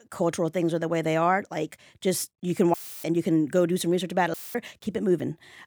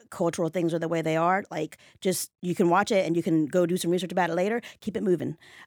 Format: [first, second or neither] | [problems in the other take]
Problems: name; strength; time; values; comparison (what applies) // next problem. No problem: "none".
second | audio cutting out; filled with static; at 2.5 s and at 4.5 s